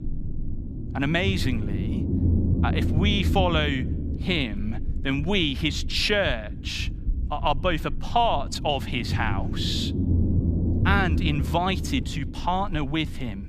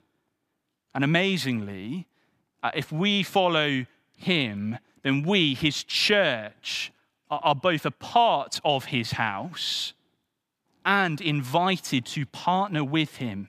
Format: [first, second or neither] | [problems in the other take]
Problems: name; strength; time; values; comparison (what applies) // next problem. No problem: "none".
second | low rumble; noticeable; throughout; 10 dB below the speech